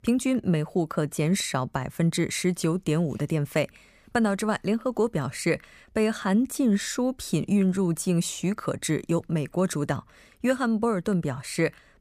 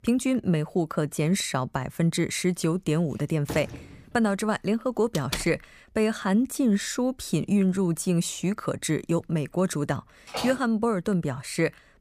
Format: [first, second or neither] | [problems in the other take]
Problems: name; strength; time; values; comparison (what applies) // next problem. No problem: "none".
first | door banging; faint; at 3.5 s; peak 10 dB below the speech // door banging; noticeable; at 5 s and at 10 s; peak 7 dB below the speech